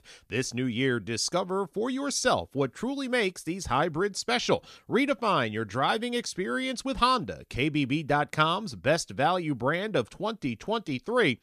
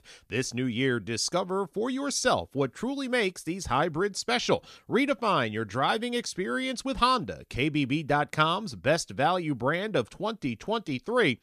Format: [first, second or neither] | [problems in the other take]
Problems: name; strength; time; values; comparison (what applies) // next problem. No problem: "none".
neither | none